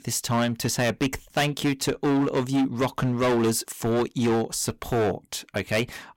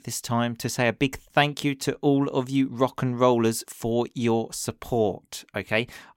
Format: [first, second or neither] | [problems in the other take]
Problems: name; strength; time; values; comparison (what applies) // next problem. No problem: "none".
second | distortion; heavy; 14% of the sound clipped